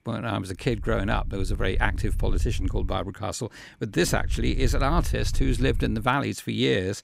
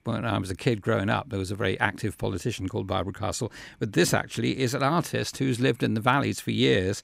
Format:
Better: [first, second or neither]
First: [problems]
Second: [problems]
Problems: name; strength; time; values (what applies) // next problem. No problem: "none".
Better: second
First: low rumble; faint; from 0.5 to 3 s and from 4 to 6 s; 20 dB below the speech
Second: none